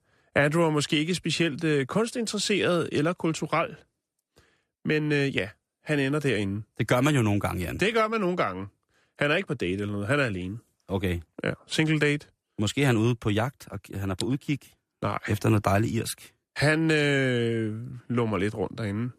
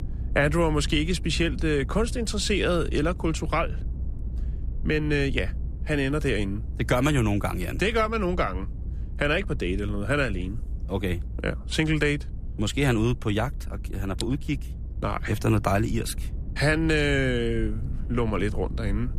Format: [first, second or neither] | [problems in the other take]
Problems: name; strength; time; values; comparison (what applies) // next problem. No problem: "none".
first | low rumble; faint; throughout; 20 dB below the speech